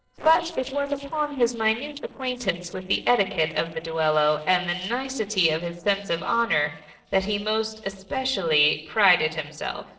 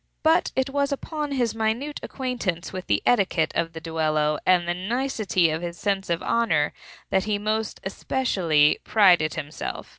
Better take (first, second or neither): second